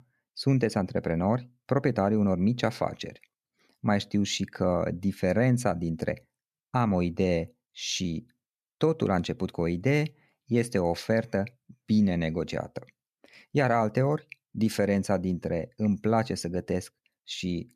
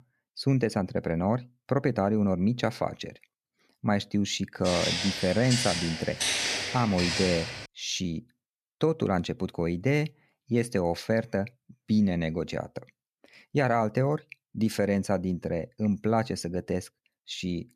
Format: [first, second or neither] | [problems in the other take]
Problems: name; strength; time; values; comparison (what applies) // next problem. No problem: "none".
first | footsteps; loud; from 4.5 to 7.5 s; peak 3 dB above the speech